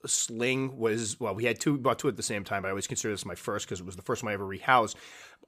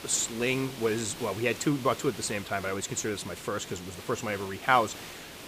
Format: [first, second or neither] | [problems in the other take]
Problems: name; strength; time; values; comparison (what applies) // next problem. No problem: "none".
first | hiss; noticeable; throughout; 10 dB below the speech